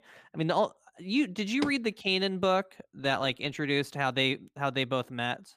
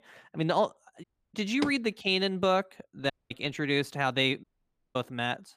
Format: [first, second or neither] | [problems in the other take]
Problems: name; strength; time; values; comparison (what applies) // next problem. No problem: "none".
first | audio cutting out; at 1 s, at 3 s and at 4.5 s for 0.5 s